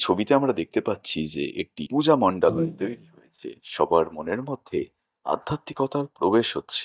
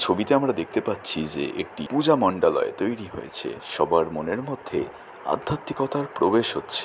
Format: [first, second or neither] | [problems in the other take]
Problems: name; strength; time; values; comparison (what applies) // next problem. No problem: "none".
second | noise reduction (neural mask model DeepFilterNet 3)